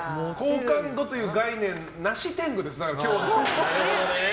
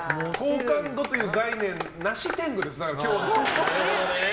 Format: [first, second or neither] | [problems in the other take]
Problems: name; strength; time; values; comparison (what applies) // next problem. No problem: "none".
first | background sound (Clapping); 9 dB below the speech